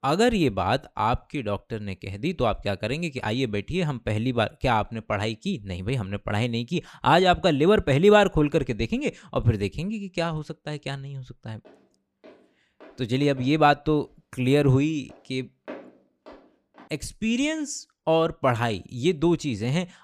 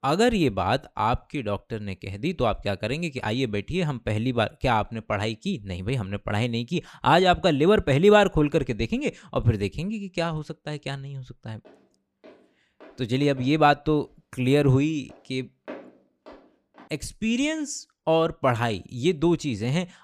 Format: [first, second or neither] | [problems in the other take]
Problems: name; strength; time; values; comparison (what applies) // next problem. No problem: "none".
neither | footsteps; faint; from 12 to 17 s; peak 15 dB below the speech; the same in both